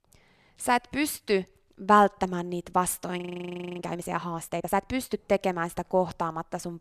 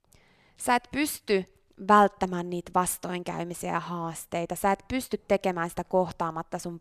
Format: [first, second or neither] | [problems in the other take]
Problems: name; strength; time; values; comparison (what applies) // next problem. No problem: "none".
second | audio freezing; at 3 s for 0.5 s